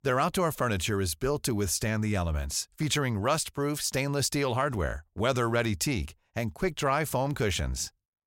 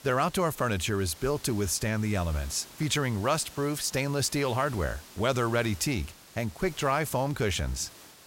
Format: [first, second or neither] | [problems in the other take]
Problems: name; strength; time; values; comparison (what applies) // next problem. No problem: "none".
first | hiss; noticeable; throughout; 20 dB below the speech